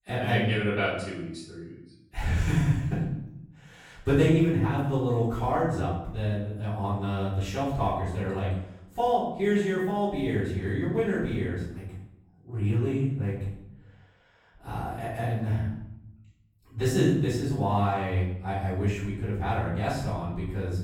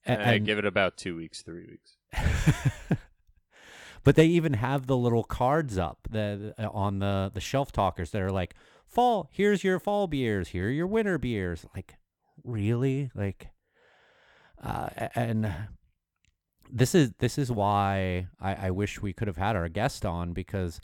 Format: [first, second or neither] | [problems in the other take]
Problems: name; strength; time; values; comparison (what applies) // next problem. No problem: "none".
second | off-mic speech; far // room echo; noticeable; dies away in 0.7 s